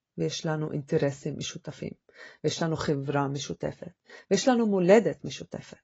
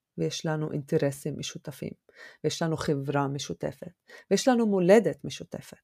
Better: second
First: garbled, watery; badly; nothing above 7.5 kHz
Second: none

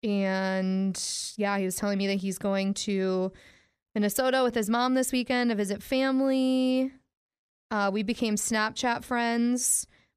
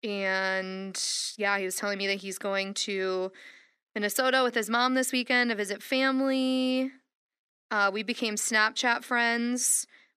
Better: first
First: none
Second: thin; very slightly; fading below 250 Hz

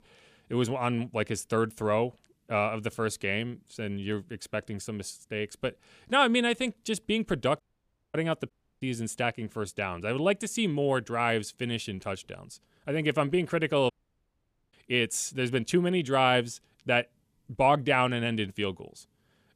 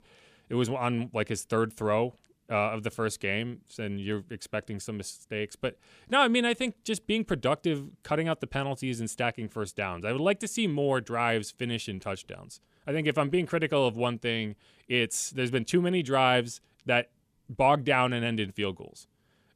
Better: second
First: audio cutting out; at 7.5 s for 0.5 s, at 8.5 s and at 14 s for 1 s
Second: none

